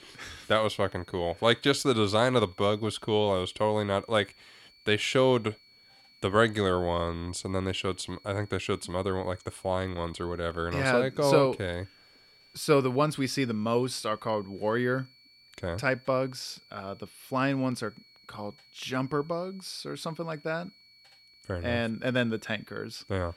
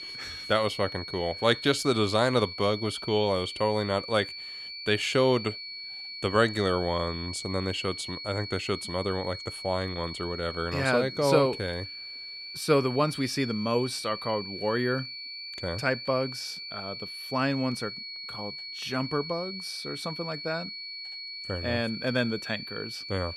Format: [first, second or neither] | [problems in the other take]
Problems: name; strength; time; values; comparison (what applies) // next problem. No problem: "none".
first | high-pitched whine; loud; throughout; 4.5 kHz, 8 dB below the speech; faint in the first